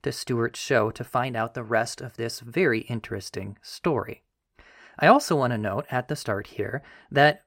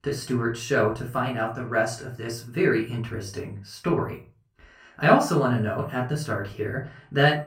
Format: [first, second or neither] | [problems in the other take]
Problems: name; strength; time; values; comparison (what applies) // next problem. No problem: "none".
first | off-mic speech; far // room echo; slight; dies away in 0.3 s